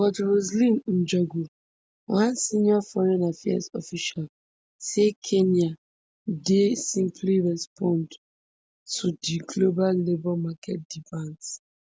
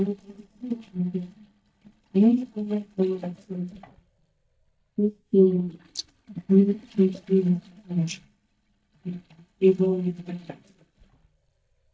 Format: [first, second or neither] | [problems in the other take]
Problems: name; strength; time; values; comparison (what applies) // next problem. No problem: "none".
first | noise reduction (neural mask model DeepFilterNet 3)